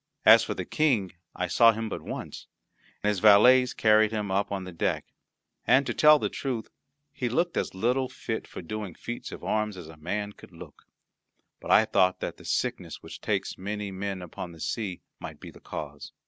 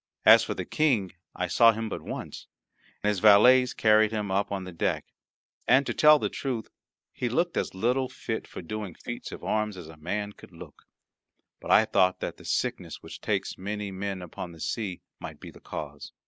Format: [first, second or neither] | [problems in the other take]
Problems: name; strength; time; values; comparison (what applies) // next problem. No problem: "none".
first | noise reduction (neural mask model Resemble Enhance denoiser)